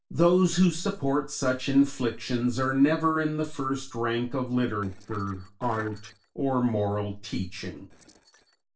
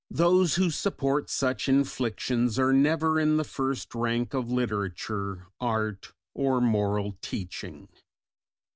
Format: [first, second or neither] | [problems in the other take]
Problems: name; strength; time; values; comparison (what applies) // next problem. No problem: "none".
second | noise reduction (neural separator model SepFormer DNS4)